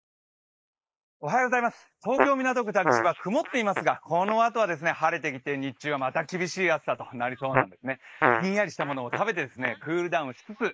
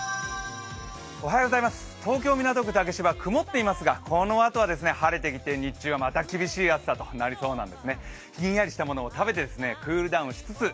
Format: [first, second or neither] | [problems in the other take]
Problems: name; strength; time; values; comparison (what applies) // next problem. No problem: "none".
second | noise reduction (neural mask model Resemble Enhance denoiser)